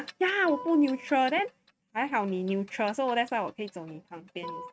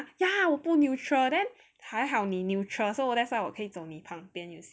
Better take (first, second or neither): second